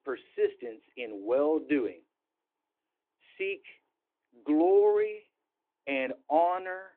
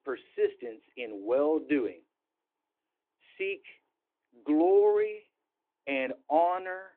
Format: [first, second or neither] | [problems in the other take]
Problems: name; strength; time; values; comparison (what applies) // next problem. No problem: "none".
neither | phone-call audio; the same in both